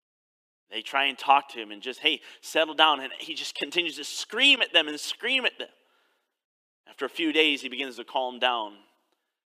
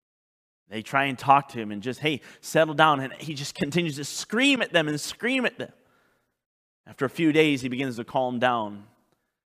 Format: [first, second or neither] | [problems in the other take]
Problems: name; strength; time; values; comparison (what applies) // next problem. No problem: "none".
second | thin; somewhat; fading below 300 Hz